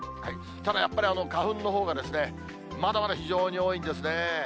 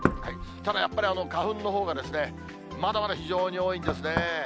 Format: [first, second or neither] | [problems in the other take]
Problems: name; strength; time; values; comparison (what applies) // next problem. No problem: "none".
first | background sound (Knock); 7 dB below the speech